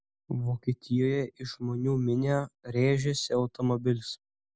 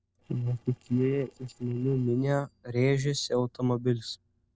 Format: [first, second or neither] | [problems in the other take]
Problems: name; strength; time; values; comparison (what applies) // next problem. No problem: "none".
first | noise reduction (neural separator model SepFormer DNS4)